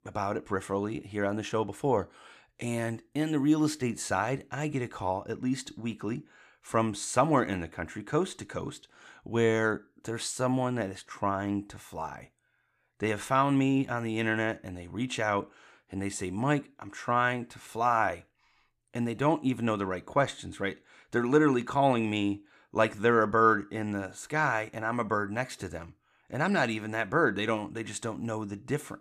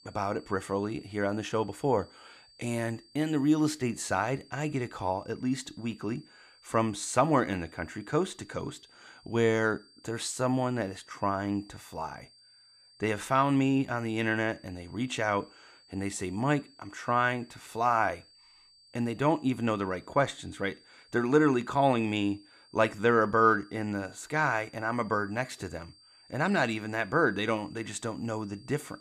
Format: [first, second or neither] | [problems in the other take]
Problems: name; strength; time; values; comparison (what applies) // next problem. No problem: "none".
first | high-pitched whine; faint; throughout; 4.5 kHz, 25 dB below the speech